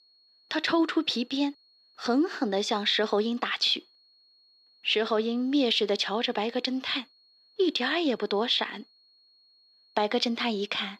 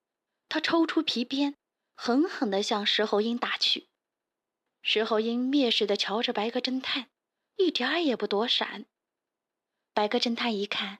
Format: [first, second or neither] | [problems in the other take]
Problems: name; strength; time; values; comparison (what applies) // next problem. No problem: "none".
second | high-pitched whine; faint; throughout; 4.5 kHz, 30 dB below the speech